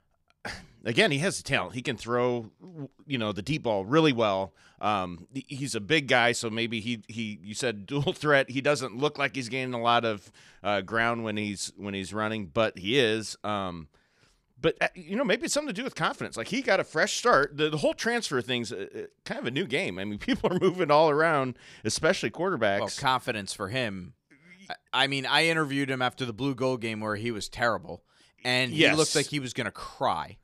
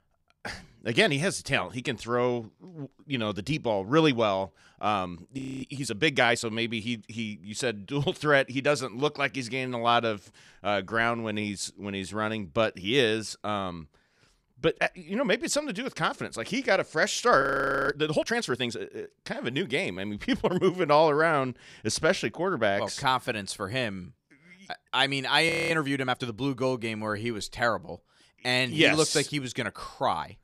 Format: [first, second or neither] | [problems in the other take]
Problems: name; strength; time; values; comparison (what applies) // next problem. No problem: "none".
first | audio freezing; at 5.5 s, at 17 s and at 25 s